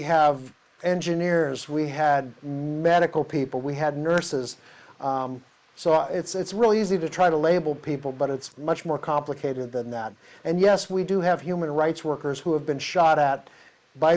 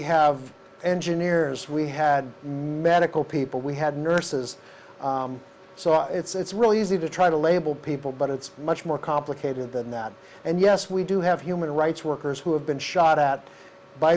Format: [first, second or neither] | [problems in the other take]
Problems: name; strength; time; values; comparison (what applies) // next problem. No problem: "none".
second | noise reduction (neural mask model Resemble Enhance denoiser)